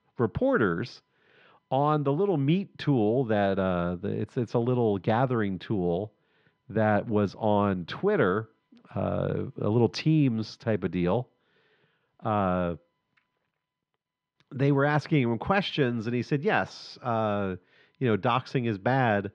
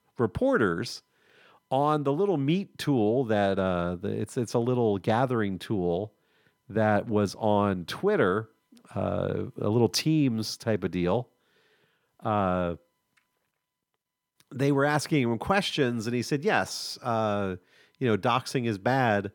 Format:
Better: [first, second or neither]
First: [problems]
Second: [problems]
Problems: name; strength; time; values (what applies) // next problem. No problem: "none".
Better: second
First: muffled; slightly; fading above 4 kHz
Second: none